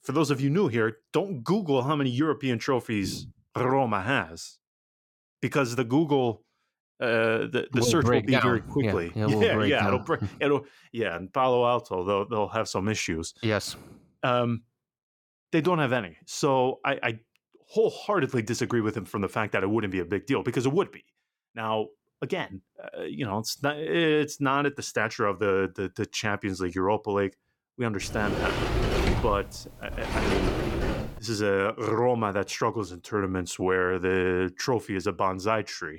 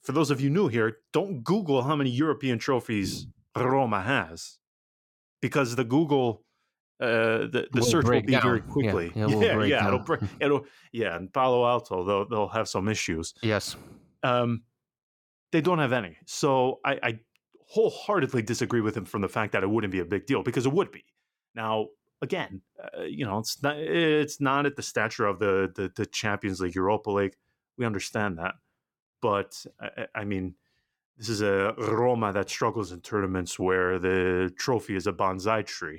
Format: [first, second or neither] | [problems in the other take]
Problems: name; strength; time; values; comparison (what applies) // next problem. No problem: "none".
second | door banging; loud; from 28 to 31 s; peak 1 dB above the speech